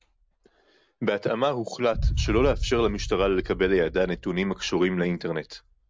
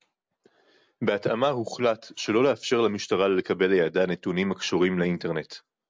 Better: second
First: background sound (Boom); 7 dB below the speech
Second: none

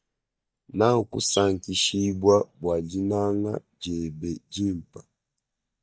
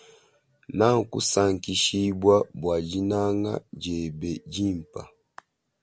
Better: second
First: noise reduction (neural mask model DeepFilterNet 3)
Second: none

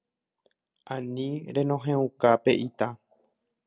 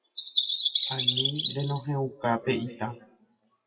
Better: first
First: none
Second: noise reduction (classical method WPE with log-MMSE)

